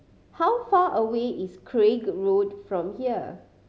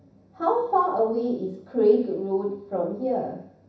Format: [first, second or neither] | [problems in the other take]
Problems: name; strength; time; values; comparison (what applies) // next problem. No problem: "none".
first | room echo; dies away in 0.7 s